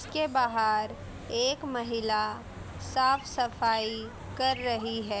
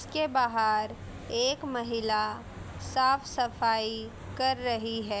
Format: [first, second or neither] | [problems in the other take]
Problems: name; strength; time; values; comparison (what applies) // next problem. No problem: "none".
second | background sound (Bird vocalization, bird call, bird song); 18 dB below the speech